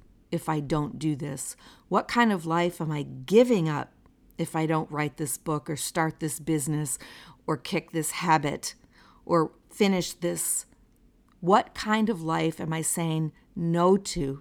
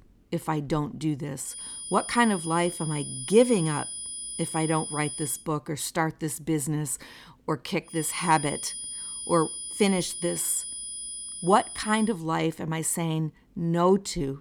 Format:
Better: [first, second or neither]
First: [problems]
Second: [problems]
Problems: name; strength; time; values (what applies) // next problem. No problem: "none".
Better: first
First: none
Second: high-pitched whine; loud; from 1.5 to 5.5 s and from 8 to 12 s; 9.5 kHz, 7 dB below the speech